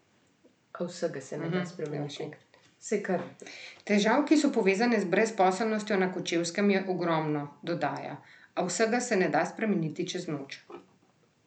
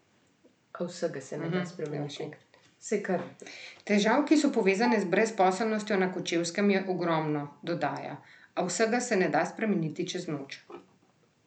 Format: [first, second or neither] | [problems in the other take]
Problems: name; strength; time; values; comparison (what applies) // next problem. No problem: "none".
first | background sound (Bowed string instrument); 13 dB below the speech